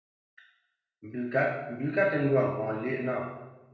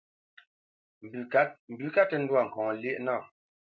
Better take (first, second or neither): second